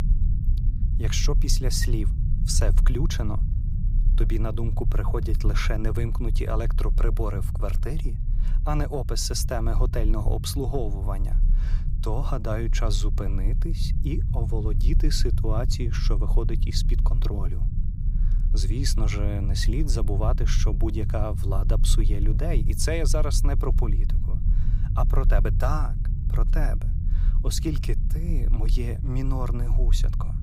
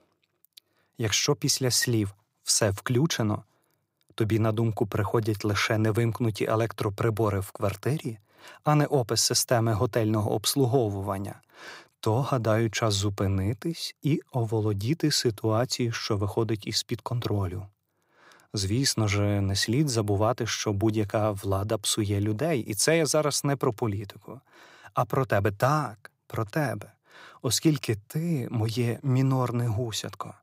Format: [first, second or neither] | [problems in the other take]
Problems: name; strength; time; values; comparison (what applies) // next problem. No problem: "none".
second | low rumble; noticeable; throughout; 10 dB below the speech